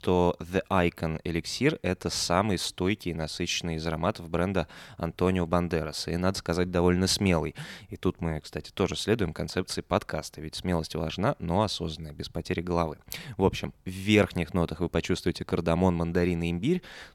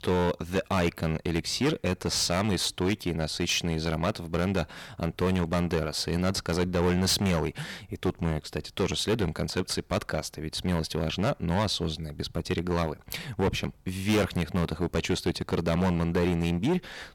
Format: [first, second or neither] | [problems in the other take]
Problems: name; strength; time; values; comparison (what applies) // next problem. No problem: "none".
first | distortion; heavy; 9% of the sound clipped